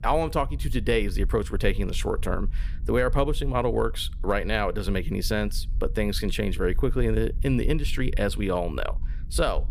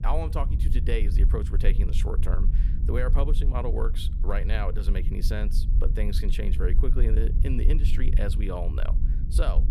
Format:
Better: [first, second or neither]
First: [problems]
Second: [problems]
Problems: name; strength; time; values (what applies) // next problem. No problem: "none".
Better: first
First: low rumble; faint; throughout; 25 dB below the speech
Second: low rumble; loud; throughout; 9 dB below the speech